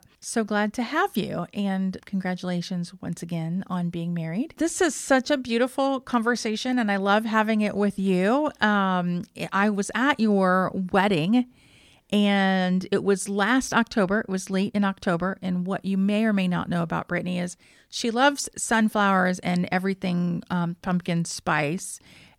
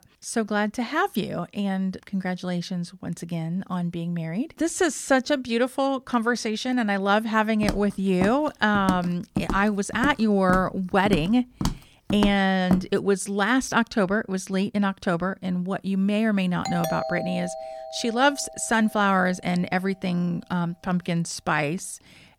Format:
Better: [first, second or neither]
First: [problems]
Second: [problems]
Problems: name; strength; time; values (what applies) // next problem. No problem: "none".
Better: first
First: none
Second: footsteps; noticeable; from 7.5 to 13 s; peak 5 dB below the speech // doorbell; noticeable; from 17 to 19 s; peak 5 dB below the speech